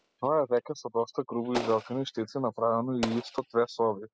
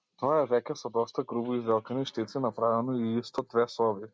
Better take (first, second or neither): second